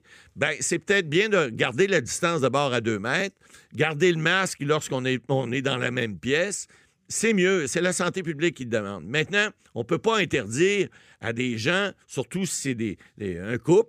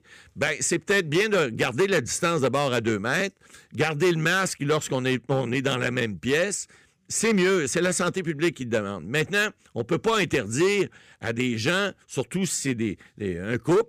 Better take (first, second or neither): first